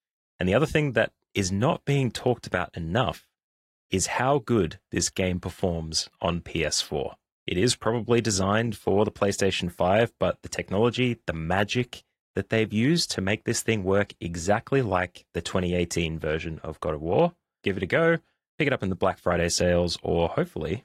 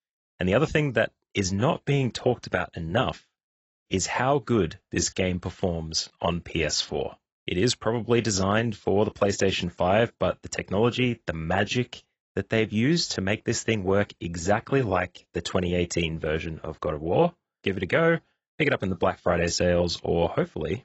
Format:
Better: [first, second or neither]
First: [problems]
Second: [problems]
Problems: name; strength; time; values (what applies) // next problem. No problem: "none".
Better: first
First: garbled, watery; slightly; nothing above 16 kHz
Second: garbled, watery; badly; nothing above 8 kHz